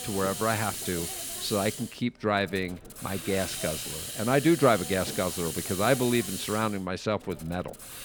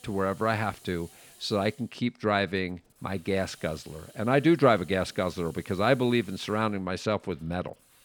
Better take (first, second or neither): second